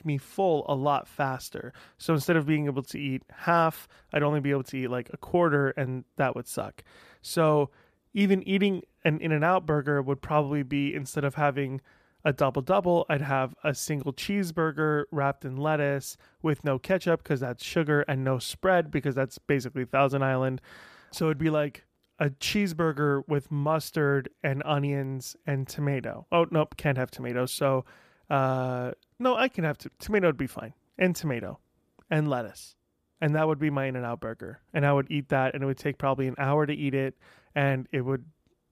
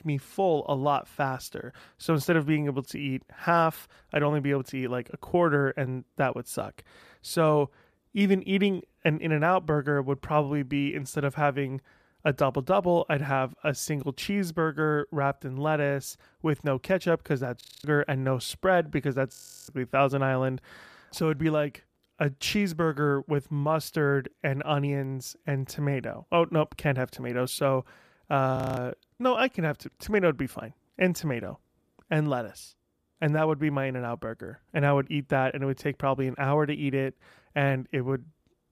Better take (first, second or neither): first